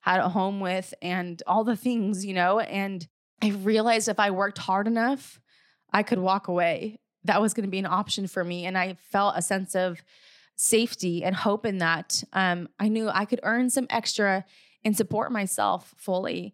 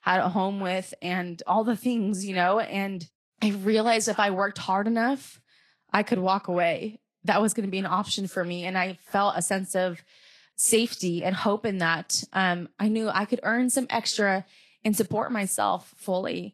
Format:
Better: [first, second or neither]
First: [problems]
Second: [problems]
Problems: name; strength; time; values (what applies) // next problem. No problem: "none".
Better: first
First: none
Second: garbled, watery; slightly; nothing above 12.5 kHz